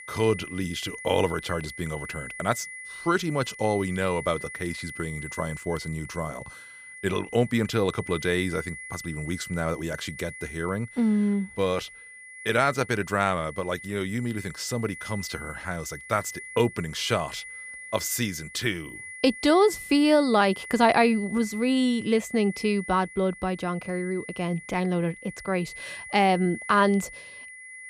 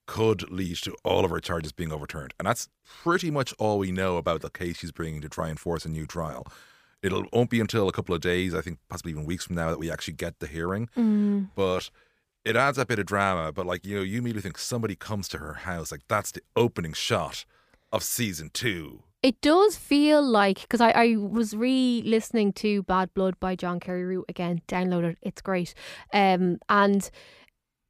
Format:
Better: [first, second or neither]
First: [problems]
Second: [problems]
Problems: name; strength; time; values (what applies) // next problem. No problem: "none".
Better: second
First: high-pitched whine; noticeable; throughout; 2 kHz, 15 dB below the speech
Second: none